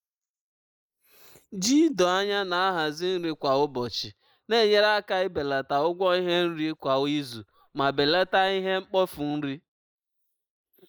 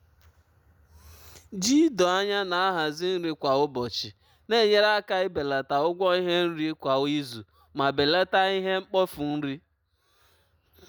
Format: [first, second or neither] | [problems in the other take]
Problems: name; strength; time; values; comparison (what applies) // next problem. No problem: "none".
second | noise reduction (neural mask model Resemble Enhance denoiser)